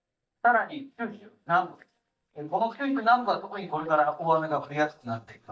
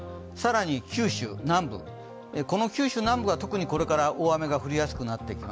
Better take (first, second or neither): second